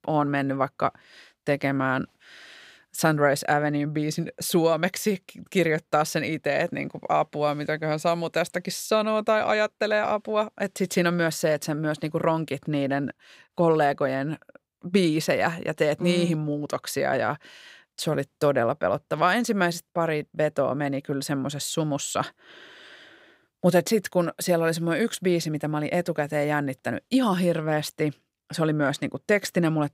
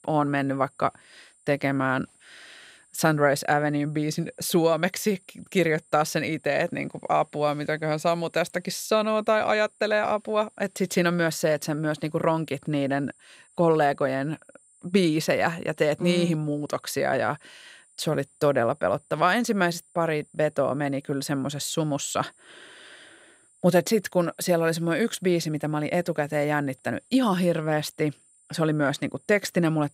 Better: first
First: none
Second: high-pitched whine; faint; throughout; 9 kHz, 30 dB below the speech

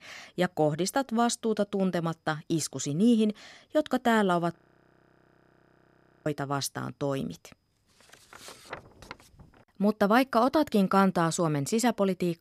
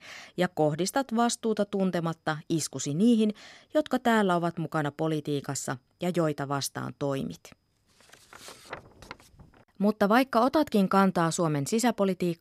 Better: second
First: audio freezing; at 4.5 s for 1.5 s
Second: none

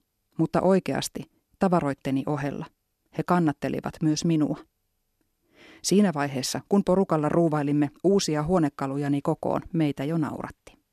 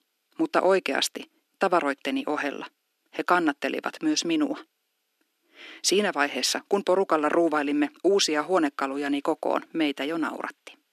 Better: first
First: none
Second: thin; somewhat; fading below 250 Hz

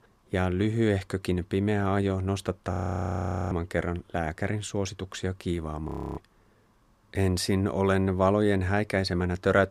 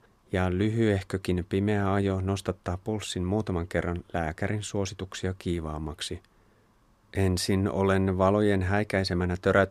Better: second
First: audio freezing; at 2.5 s for 1 s and at 6 s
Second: none

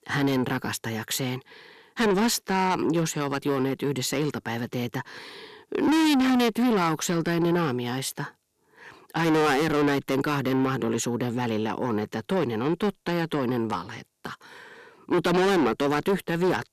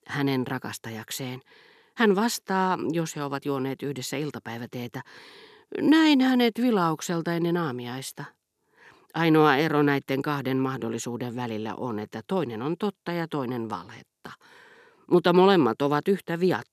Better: second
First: distortion; heavy; 6 dB below the speech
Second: none

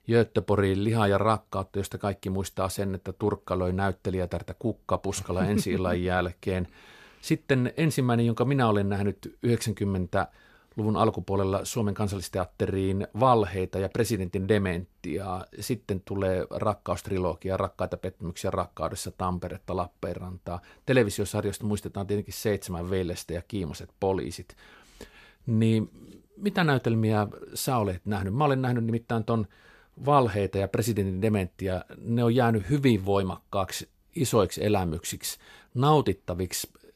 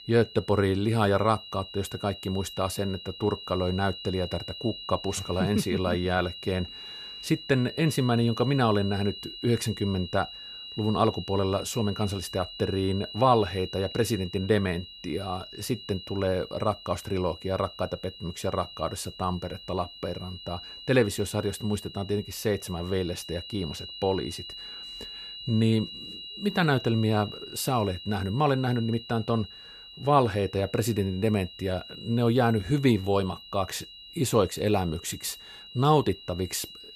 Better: first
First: none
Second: high-pitched whine; noticeable; throughout; 4 kHz, 10 dB below the speech

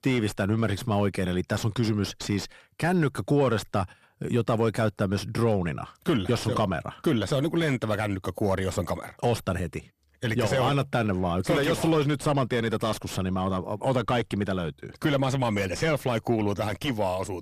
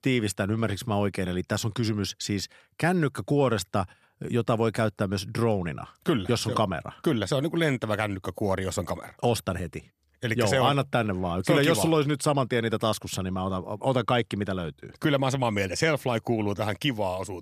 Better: second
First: distortion; slight; 9 dB below the speech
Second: none

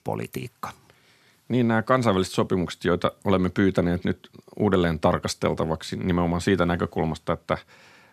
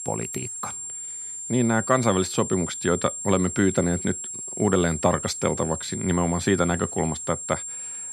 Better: first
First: none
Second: high-pitched whine; loud; throughout; 7.5 kHz, 7 dB below the speech

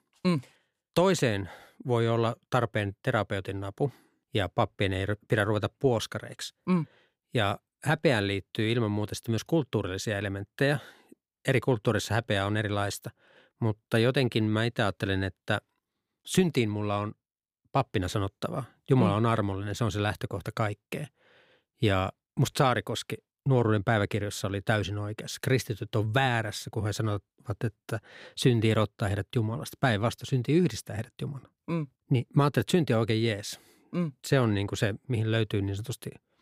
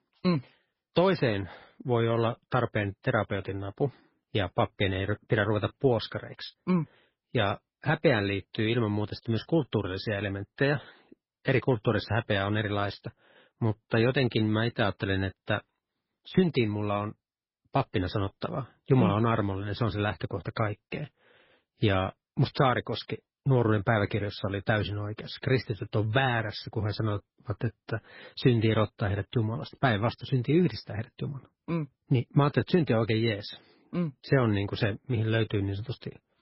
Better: first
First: none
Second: garbled, watery; badly; nothing above 5.5 kHz

